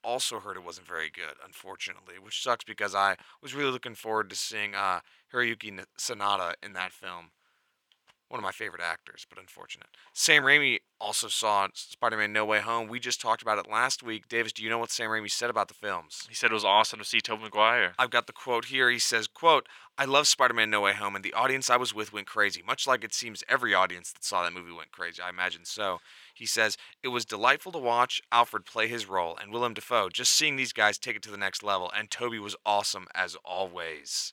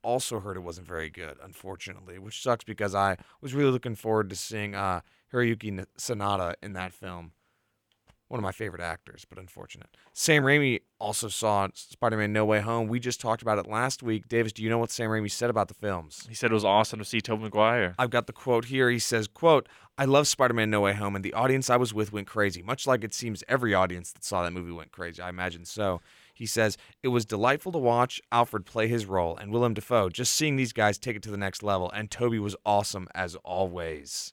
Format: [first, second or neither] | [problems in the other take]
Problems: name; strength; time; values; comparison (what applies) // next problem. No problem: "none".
second | thin; somewhat; fading below 650 Hz